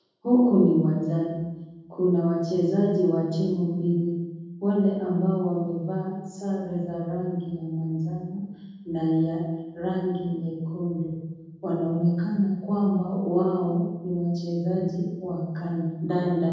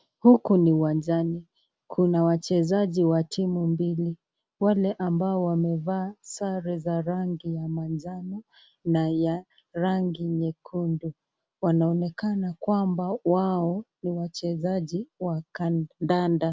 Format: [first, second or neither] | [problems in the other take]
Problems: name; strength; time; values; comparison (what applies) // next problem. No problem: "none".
second | room echo; dies away in 1.3 s